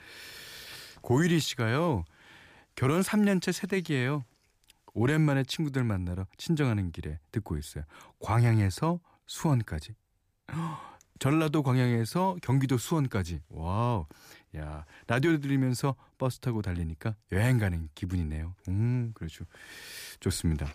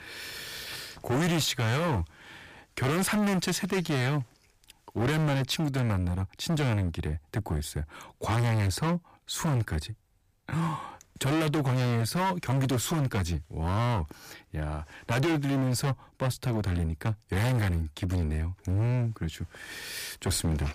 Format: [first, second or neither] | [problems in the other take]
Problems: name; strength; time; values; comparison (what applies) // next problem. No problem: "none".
first | distortion; heavy; 20% of the sound clipped